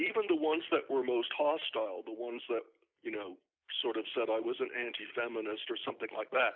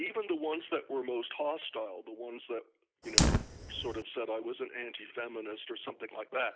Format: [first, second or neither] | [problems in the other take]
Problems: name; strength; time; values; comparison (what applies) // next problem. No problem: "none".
first | background sound (Fire); as loud as the speech